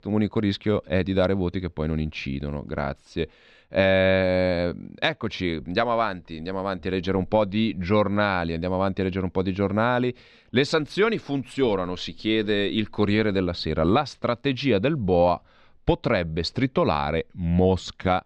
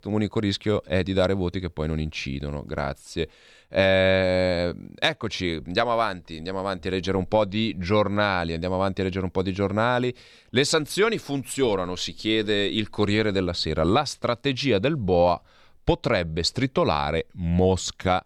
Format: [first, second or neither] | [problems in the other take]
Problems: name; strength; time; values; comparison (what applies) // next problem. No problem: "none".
second | muffled; very slightly; fading above 3.5 kHz